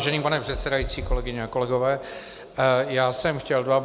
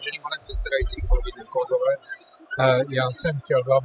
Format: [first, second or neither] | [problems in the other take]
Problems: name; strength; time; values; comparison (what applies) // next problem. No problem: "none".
first | noise reduction (classical method spectral subtraction)